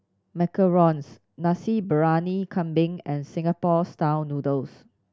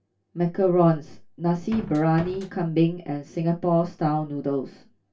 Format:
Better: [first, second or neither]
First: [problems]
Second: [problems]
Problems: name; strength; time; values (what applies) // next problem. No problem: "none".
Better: first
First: none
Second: background sound (Slam); 15 dB below the speech // room echo; dies away in 0.2 s